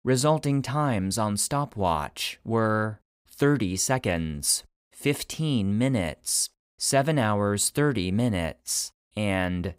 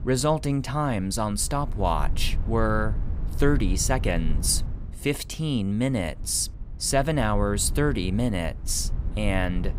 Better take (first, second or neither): first